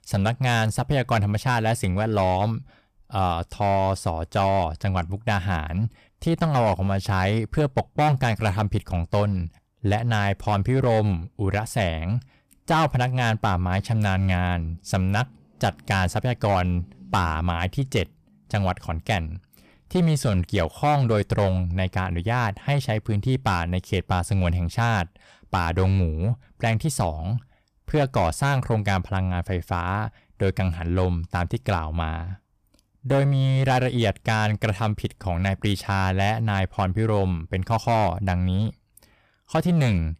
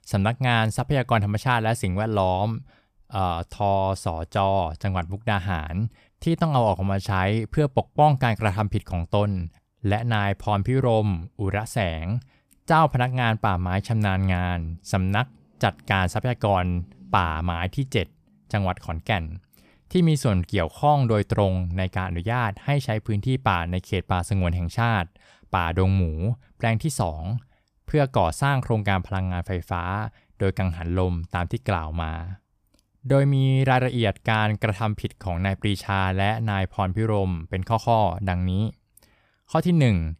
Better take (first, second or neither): second